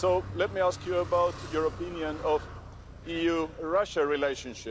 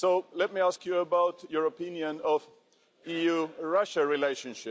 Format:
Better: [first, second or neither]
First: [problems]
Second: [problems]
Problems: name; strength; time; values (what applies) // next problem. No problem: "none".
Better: second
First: background sound (Car); 13 dB below the speech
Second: none